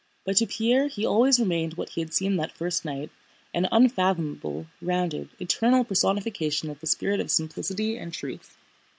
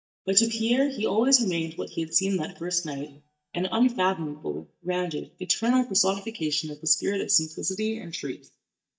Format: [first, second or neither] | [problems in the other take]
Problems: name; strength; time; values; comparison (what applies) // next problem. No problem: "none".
first | noise reduction (neural mask model DeepFilterNet 3)